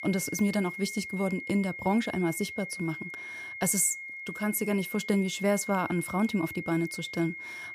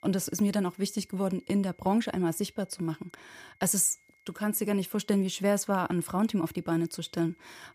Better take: second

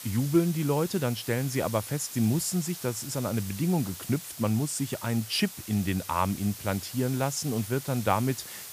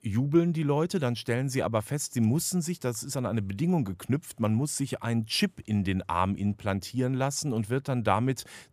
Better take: second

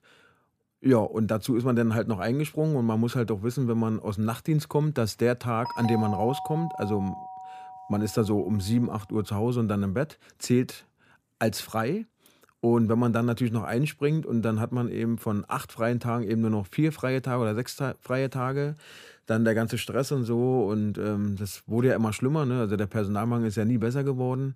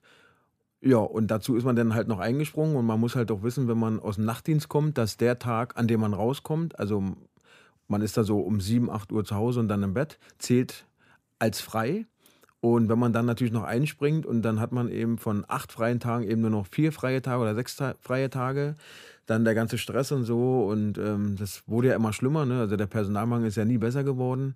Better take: second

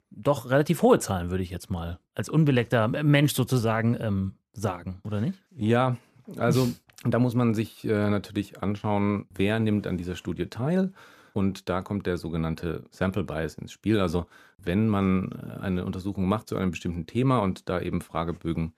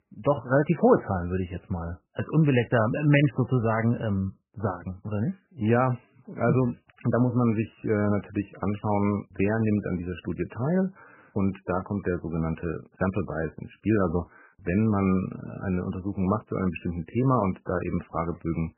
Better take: first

